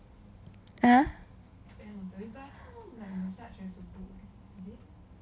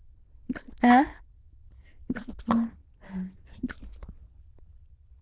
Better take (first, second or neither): first